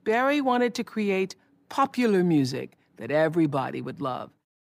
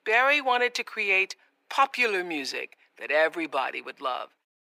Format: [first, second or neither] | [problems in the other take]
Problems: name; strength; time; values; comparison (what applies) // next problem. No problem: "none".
first | thin; very; fading below 450 Hz